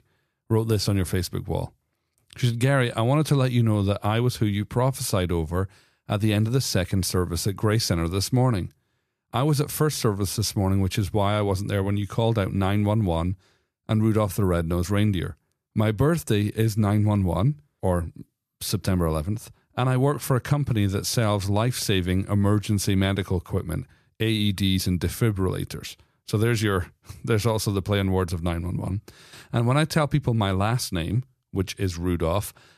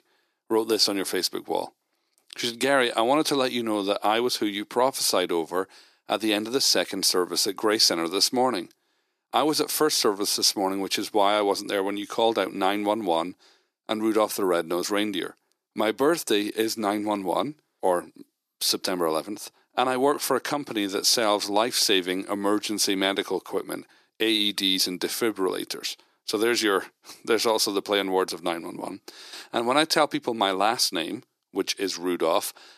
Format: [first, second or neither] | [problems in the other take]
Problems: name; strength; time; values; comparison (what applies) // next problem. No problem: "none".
first | thin; somewhat; fading below 300 Hz